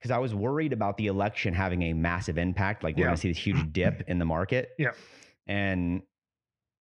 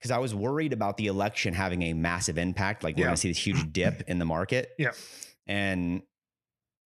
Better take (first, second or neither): second